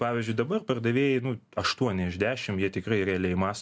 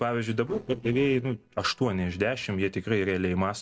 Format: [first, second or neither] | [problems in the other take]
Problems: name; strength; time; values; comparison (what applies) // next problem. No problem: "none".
first | noise reduction (neural separator model SepFormer DNS4)